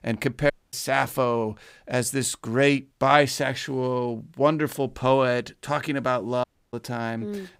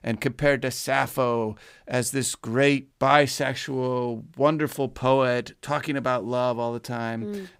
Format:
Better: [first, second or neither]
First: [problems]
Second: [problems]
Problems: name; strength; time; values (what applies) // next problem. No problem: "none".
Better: second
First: audio cutting out; at 0.5 s and at 6.5 s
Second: none